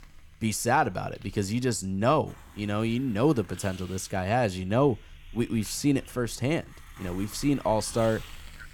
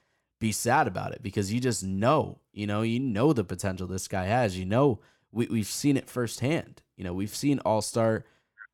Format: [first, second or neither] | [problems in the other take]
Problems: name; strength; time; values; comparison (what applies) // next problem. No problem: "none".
second | hiss; faint; throughout; 20 dB below the speech